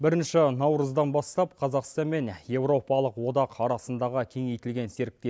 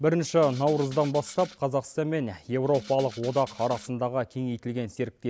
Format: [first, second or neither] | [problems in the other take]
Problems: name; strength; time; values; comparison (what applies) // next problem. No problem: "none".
first | background sound (Rattle (instrument)); 19 dB below the speech